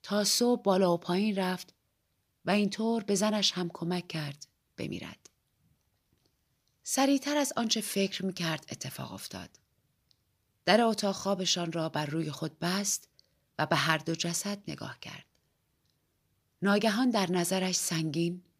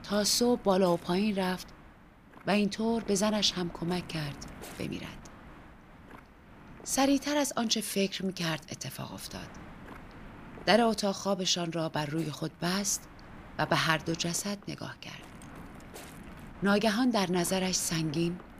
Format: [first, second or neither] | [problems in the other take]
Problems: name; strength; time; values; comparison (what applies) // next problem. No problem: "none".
first | wind noise on the microphone; occasional gusts; 20 dB below the speech